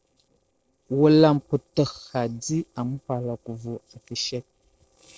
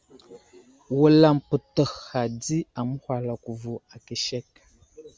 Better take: second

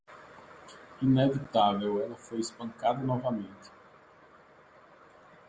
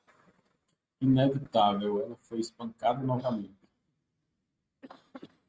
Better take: first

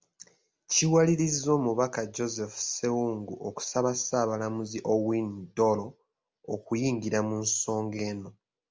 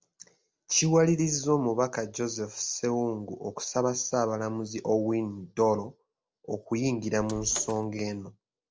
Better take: first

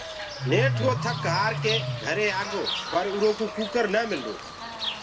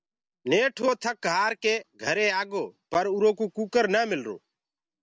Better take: second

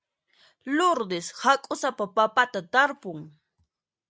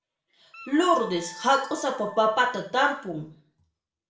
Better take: first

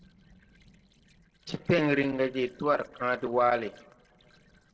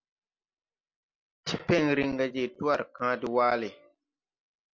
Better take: second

